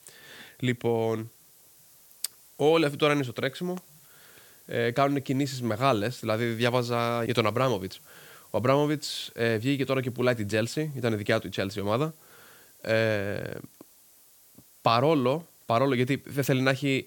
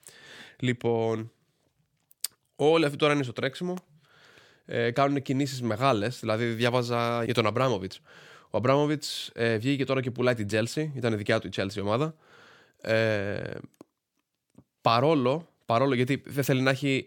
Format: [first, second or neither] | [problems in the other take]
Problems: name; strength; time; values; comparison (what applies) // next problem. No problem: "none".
second | hiss; faint; throughout; 25 dB below the speech